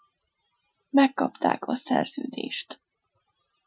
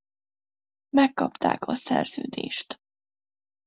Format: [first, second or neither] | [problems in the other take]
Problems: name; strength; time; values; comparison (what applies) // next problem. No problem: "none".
second | noise reduction (classical method Wiener filter)